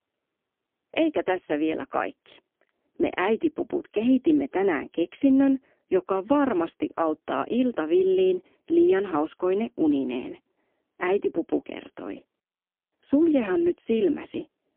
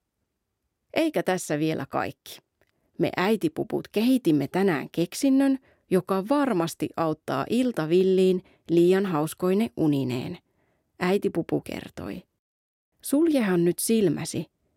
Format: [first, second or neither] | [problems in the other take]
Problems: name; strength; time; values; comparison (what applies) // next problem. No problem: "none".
second | phone-call audio; poor line; nothing above 3.5 kHz